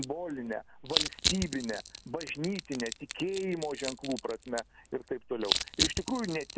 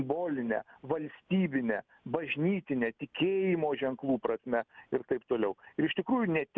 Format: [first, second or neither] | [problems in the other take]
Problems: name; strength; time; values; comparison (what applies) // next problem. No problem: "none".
second | background sound (Crushing); 1 dB below the speech